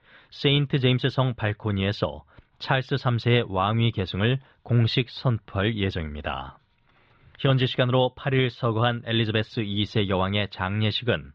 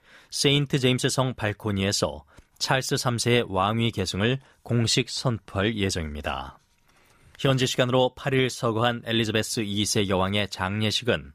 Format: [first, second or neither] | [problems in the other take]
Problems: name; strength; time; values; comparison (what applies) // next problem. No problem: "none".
second | muffled; slightly; fading above 3.5 kHz